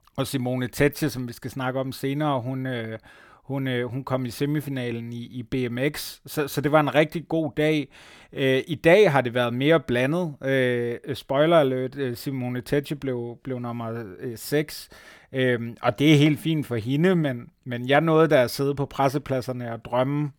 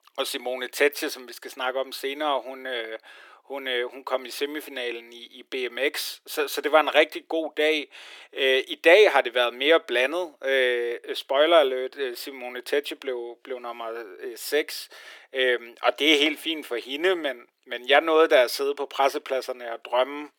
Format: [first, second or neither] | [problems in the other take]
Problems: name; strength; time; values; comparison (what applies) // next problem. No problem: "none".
first | thin; very; fading below 350 Hz